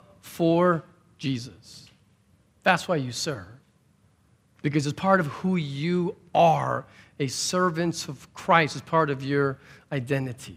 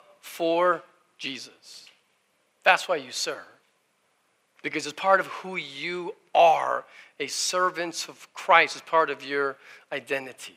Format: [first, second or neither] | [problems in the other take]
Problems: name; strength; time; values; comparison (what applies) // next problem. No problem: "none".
first | thin; very; fading below 550 Hz